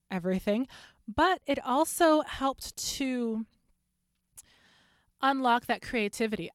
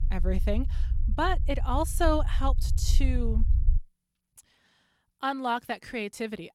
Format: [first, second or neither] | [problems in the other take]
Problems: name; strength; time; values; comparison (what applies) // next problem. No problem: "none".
first | low rumble; noticeable; until 4 s; 20 dB below the speech